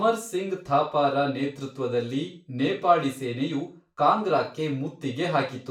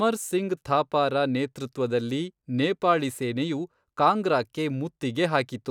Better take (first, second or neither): second